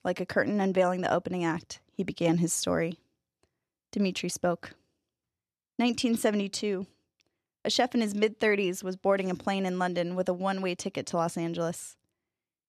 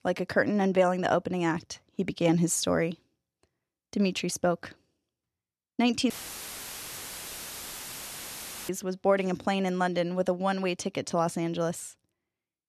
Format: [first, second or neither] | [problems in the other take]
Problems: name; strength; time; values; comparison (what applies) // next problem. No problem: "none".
first | audio cutting out; filled with static; at 6 s for 2.5 s